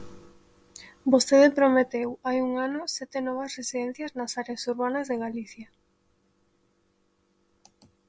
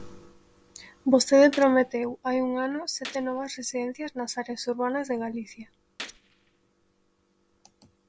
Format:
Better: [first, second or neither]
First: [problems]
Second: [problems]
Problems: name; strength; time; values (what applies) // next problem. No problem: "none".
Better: first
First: none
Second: background sound (Gunshot, gunfire); 19 dB below the speech